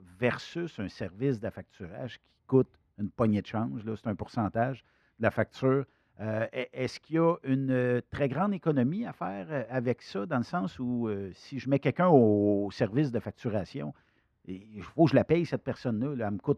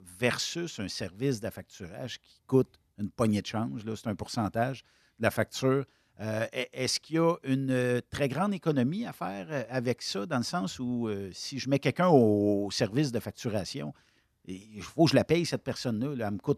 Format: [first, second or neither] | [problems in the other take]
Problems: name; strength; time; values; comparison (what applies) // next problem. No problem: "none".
second | muffled; slightly; fading above 4 kHz